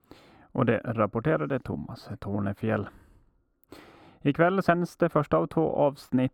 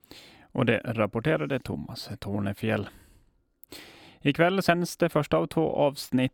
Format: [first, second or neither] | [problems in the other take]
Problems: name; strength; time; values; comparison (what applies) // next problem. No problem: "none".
second | muffled; slightly; fading above 2 kHz